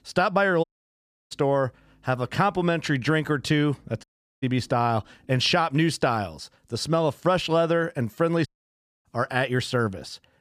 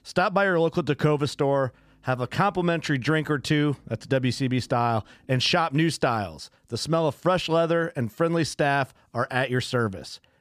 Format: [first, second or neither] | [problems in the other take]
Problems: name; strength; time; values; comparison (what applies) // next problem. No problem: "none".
second | audio cutting out; at 0.5 s for 0.5 s, at 4 s and at 8.5 s for 0.5 s